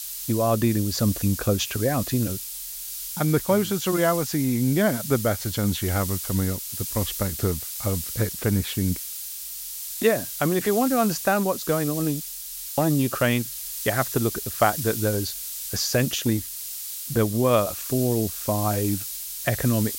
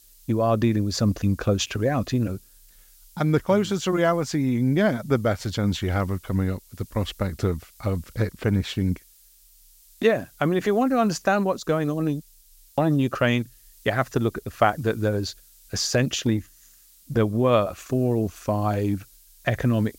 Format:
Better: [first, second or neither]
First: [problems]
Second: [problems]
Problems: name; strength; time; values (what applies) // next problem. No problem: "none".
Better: second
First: hiss; loud; throughout; 6 dB below the speech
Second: hiss; faint; throughout; 25 dB below the speech